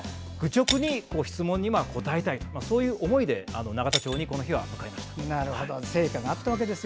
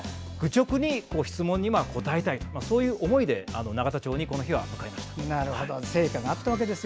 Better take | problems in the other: second | background sound (Shatter); 11 dB below the speech

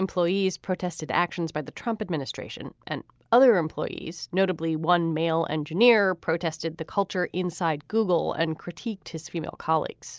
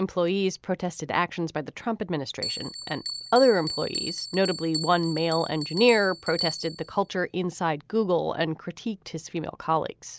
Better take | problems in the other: first | background sound (Bell); 12 dB below the speech

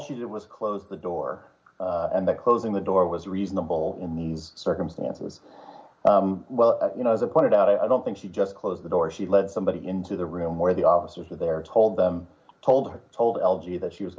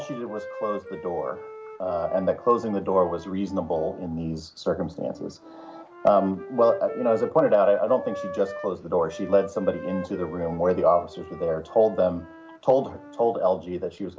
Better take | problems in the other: first | background sound (Wind instrument, woodwind instrument); 15 dB below the speech

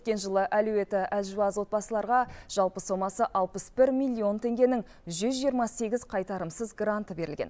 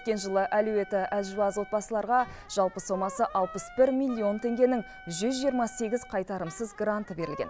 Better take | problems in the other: first | background sound (Wind instrument, woodwind instrument); 18 dB below the speech

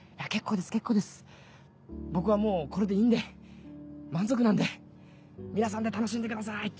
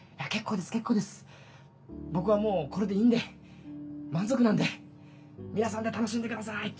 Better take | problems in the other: first | room echo; dies away in 0.2 s

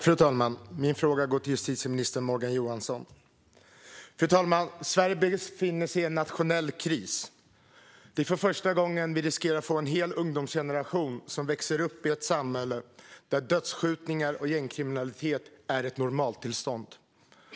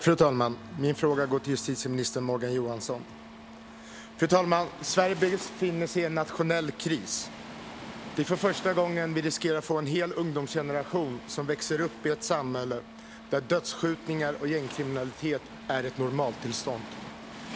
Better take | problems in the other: first | background sound (Waves, surf + Wind instrument, woodwind instrument); 15 dB below the speech

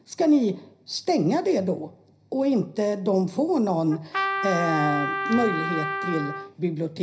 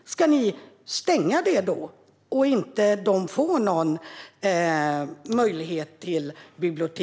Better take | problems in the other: second | background sound (Trumpet); 4 dB below the speech // room echo; dies away in 0.4 s

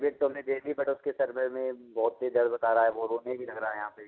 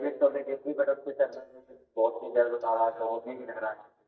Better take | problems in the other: first | noise reduction (neural mask model DeepFilterNet 3)

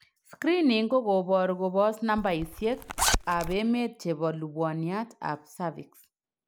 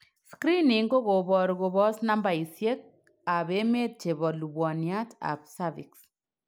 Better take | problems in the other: second | background sound (Zipper (clothing)); 3 dB below the speech

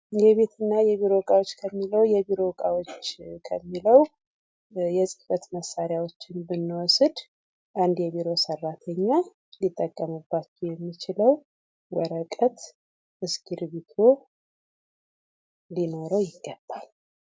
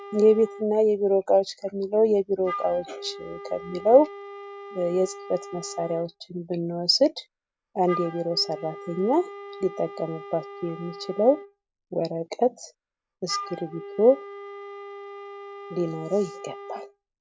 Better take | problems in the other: first | background sound (Wind instrument, woodwind instrument); 15 dB below the speech

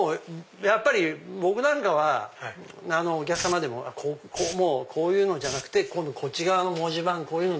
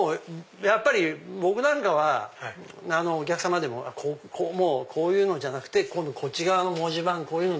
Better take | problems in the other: second | background sound (Hiss); 14 dB below the speech

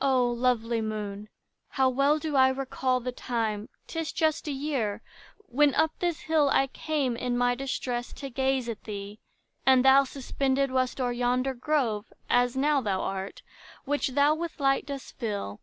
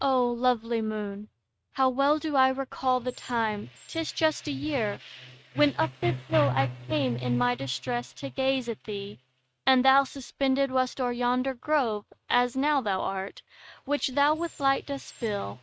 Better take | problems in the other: first | noise reduction (neural mask model RNNoise)

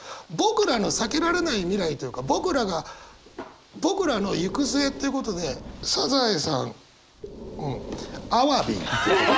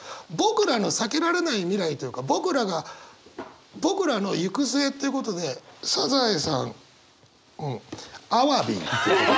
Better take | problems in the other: second | background sound (Breathing); 15 dB below the speech

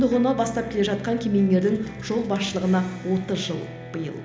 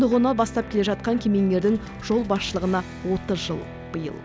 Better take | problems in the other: second | room echo; dies away in 0.8 s

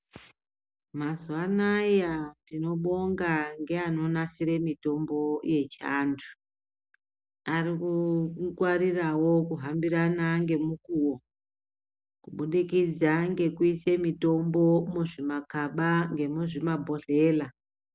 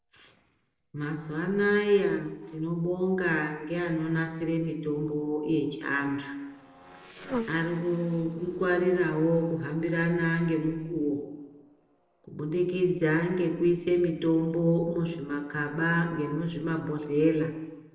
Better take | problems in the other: first | noise reduction (neural separator model SepFormer DNS4)

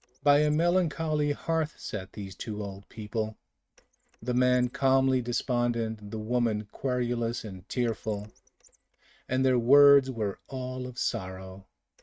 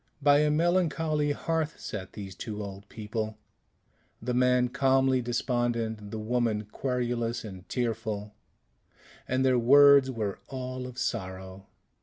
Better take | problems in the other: second | noise reduction (neural mask model RNNoise)

